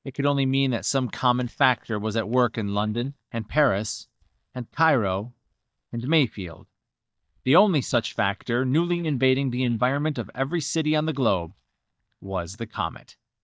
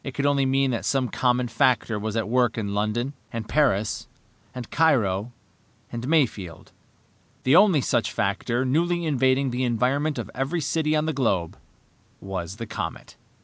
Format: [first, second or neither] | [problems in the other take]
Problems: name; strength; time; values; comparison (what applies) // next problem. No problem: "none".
second | noise reduction (neural mask model DeepFilterNet 3)